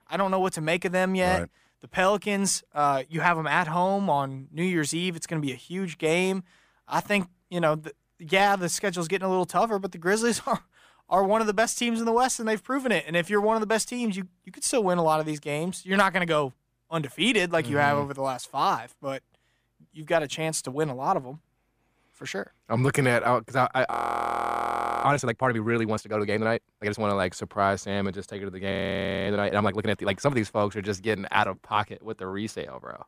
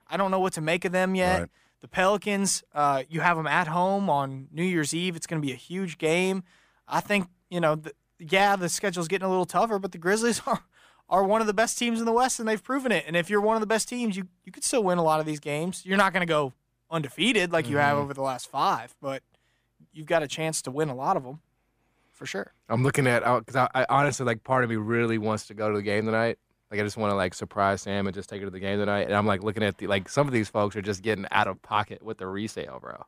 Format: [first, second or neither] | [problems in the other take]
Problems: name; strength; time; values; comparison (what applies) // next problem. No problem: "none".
second | audio freezing; at 24 s for 1 s and at 29 s for 0.5 s